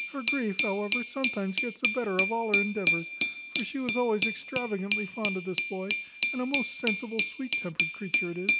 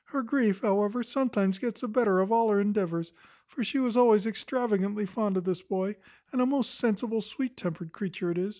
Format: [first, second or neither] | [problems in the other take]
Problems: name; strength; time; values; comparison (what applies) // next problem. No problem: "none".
second | background sound (Glass); 1 dB above the speech